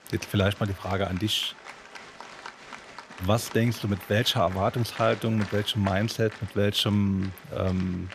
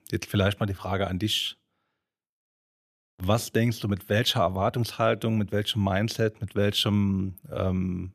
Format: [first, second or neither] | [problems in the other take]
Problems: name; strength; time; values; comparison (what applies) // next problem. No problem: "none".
second | crowd noise; noticeable; throughout; 15 dB below the speech